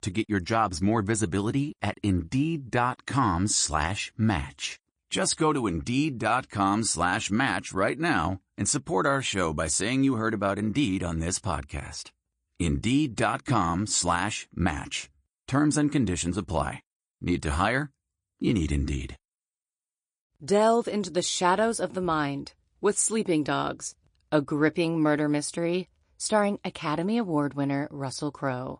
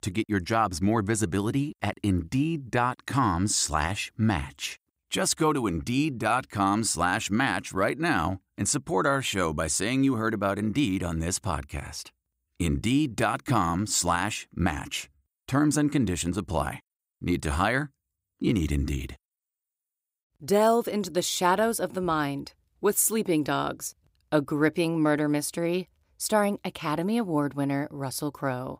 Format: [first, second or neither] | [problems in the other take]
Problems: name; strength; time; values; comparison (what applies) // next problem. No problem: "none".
second | garbled, watery; slightly; nothing above 9.5 kHz